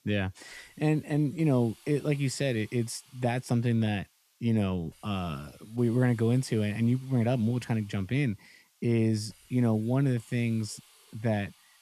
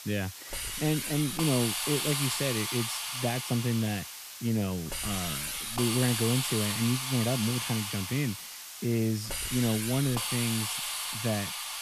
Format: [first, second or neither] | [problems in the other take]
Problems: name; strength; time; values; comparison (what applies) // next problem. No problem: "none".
first | hiss; loud; throughout; 1 dB below the speech; faint in the first